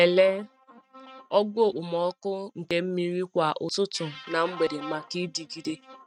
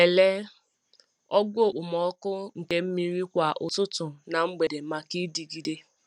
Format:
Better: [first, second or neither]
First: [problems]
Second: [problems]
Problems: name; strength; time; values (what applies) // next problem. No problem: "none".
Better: second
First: noise reduction (neural mask model RNNoise)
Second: none